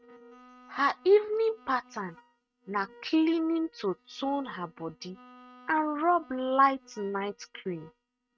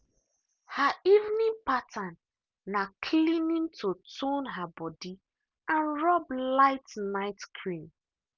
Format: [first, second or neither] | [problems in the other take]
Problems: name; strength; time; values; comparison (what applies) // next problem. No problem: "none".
second | noise reduction (neural mask model RNNoise)